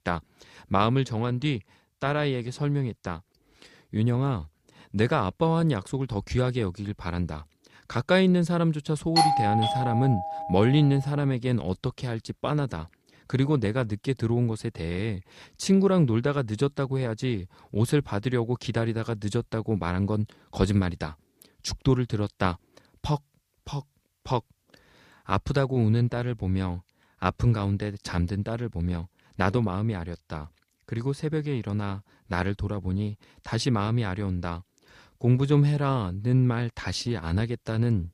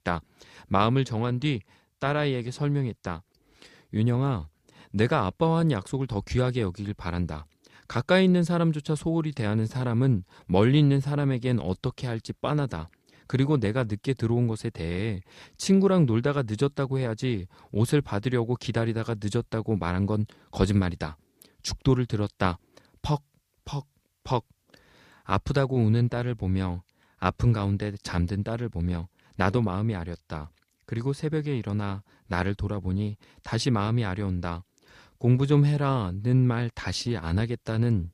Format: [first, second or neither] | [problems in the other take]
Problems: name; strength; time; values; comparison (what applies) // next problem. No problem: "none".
second | doorbell; loud; from 9 to 11 s; peak 5 dB above the speech